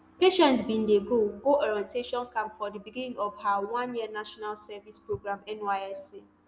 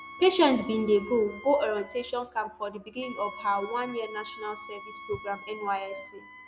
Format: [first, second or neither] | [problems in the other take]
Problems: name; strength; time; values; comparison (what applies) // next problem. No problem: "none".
first | background sound (Wind instrument, woodwind instrument); 16 dB below the speech